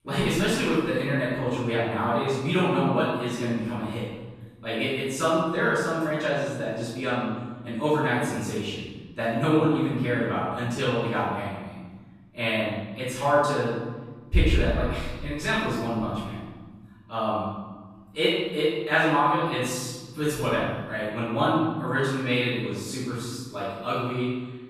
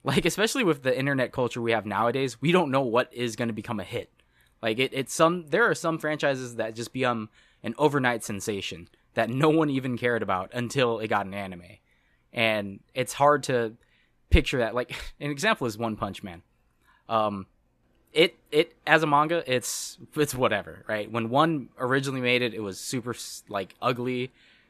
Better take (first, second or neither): second